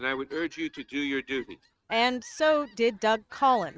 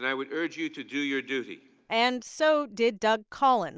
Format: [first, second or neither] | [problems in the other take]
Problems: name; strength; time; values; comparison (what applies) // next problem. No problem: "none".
second | noise reduction (neural mask model RNNoise)